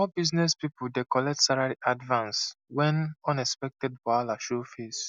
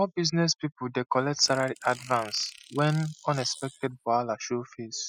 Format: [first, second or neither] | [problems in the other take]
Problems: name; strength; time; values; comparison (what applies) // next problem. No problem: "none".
first | noise reduction (classical method spectral subtraction)